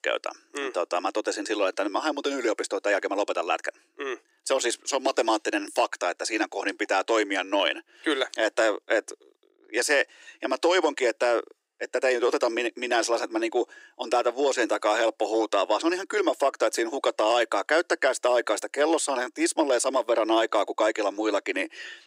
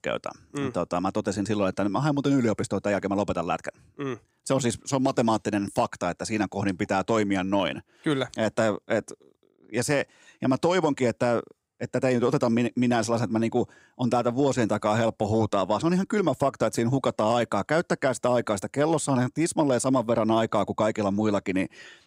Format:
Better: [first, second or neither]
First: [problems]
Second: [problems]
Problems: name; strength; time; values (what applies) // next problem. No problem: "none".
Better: second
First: thin; very; fading below 300 Hz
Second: none